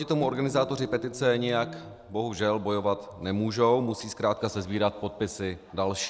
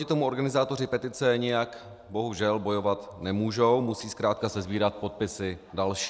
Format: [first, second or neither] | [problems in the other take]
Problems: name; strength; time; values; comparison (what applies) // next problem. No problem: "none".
second | background sound (Guitar); 16 dB below the speech